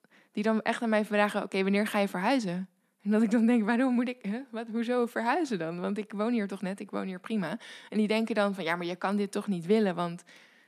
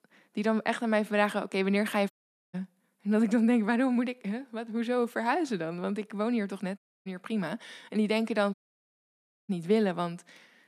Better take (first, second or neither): first